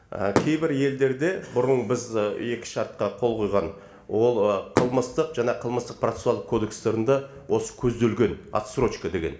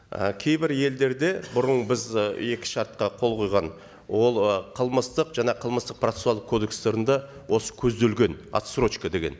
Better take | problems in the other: second | background sound (Fireworks); 10 dB below the speech // room echo; dies away in 0.4 s

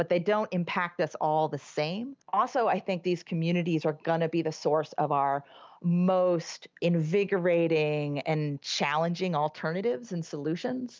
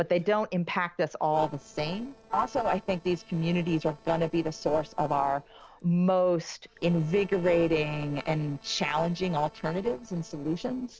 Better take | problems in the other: first | noise reduction (neural separator model SepFormer DNS4)

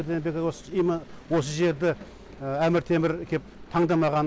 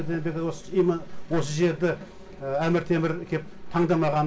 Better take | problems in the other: first | room echo; dies away in 0.3 s

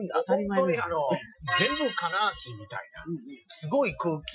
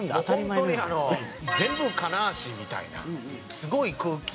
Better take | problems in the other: second | noise reduction (classical method Wiener filter)

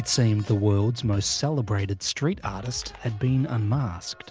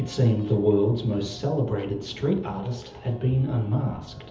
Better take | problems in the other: first | background sound (Thunder); 20 dB below the speech // room echo; dies away in 0.7 s

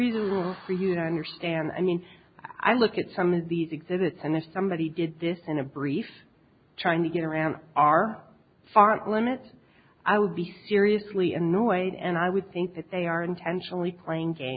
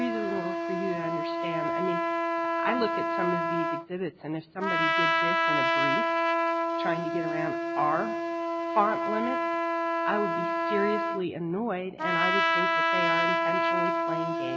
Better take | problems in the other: first | background sound (Trumpet); 5 dB above the speech

